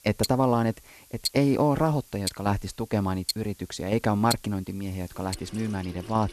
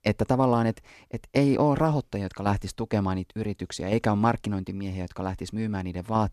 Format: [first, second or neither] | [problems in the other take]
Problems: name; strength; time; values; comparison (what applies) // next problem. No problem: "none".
second | household noises; loud; throughout; 7 dB below the speech